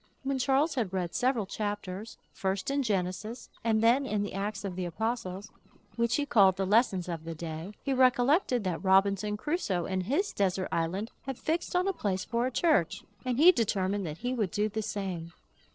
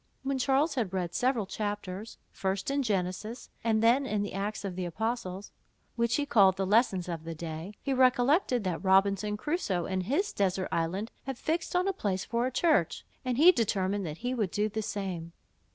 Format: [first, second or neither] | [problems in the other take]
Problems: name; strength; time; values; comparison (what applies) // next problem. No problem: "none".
second | noise reduction (neural separator model SepFormer DNS4)